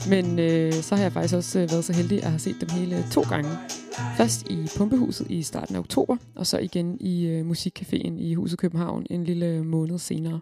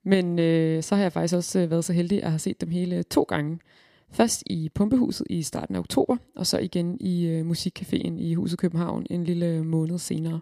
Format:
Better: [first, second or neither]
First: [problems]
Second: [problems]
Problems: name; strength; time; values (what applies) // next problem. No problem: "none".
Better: second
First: background music; loud; throughout; 9 dB below the speech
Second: none